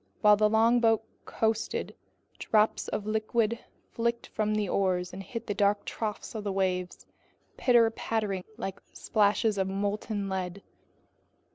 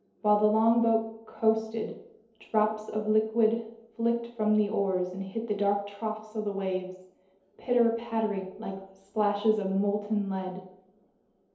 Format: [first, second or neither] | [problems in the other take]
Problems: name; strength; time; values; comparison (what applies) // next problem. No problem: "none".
first | room echo; dies away in 2.2 s